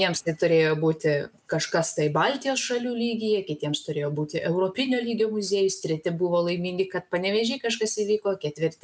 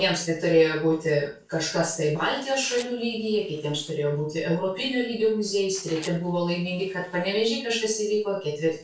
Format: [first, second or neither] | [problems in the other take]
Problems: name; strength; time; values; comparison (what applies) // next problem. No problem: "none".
first | noise reduction (neural separator model SepFormer DNS4)